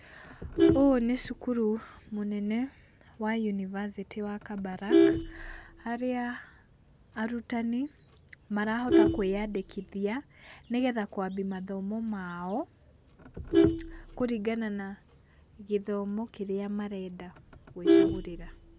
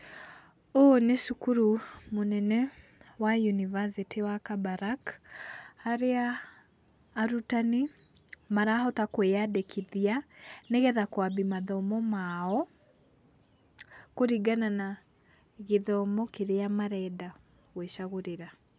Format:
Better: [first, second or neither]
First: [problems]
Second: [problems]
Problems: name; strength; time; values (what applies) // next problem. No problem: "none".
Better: second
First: background sound (Vehicle horn, car horn, honking); 1 dB above the speech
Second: none